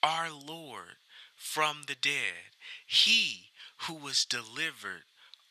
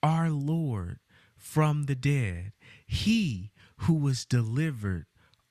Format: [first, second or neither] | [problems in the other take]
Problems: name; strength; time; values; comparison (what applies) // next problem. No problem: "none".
second | thin; very; fading below 800 Hz